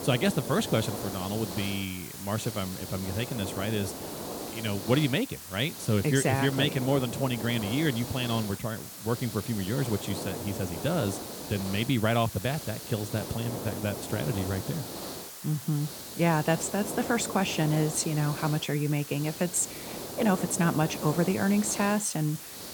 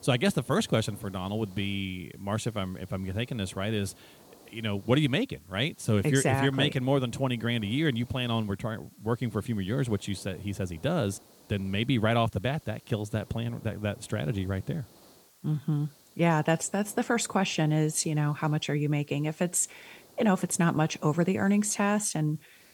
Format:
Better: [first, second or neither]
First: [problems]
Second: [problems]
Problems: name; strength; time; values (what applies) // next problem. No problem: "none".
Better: second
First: hiss; loud; throughout; 8 dB below the speech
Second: hiss; faint; throughout; 25 dB below the speech